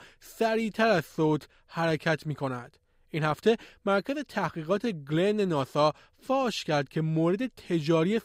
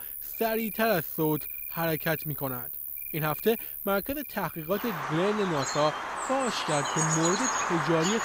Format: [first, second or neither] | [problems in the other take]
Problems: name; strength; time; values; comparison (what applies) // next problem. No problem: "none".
first | animal sounds; loud; throughout; 2 dB below the speech